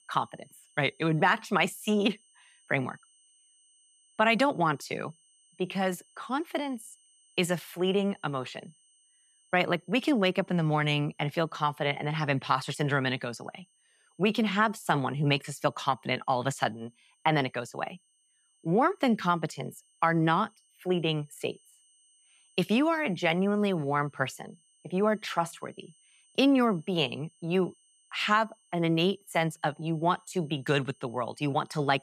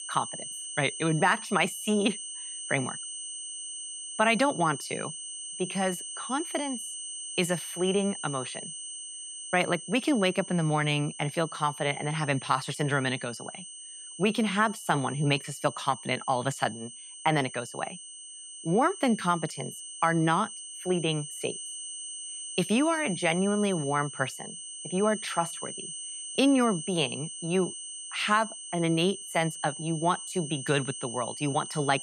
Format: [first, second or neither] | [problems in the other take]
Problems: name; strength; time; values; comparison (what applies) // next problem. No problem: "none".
first | high-pitched whine; loud; throughout; 8.5 kHz, 9 dB below the speech; faint in the first